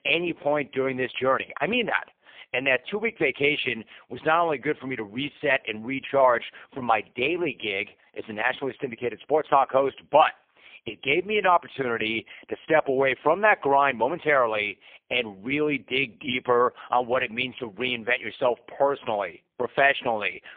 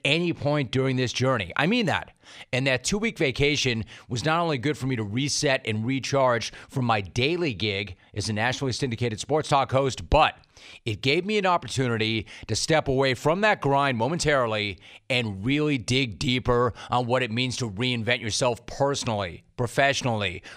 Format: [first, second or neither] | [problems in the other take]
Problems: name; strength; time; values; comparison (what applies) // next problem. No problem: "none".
second | phone-call audio; poor line; nothing above 3.5 kHz